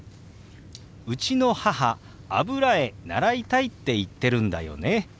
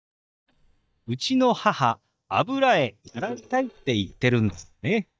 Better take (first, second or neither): first